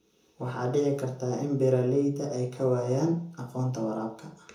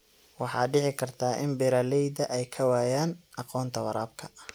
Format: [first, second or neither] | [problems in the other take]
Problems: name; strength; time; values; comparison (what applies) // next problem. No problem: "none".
second | room echo; dies away in 0.5 s